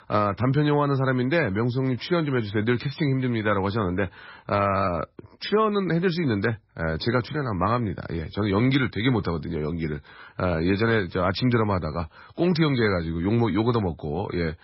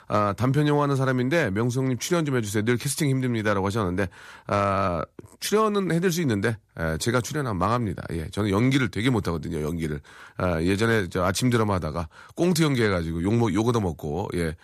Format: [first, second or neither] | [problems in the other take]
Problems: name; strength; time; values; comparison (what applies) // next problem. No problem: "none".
second | garbled, watery; badly; nothing above 5.5 kHz